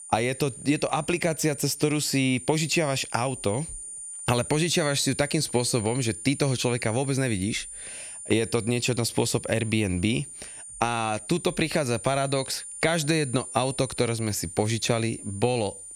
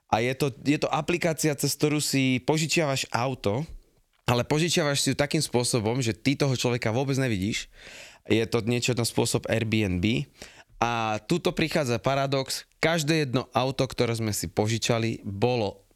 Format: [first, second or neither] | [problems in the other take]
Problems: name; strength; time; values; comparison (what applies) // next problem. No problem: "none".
second | high-pitched whine; noticeable; throughout; 9 kHz, 10 dB below the speech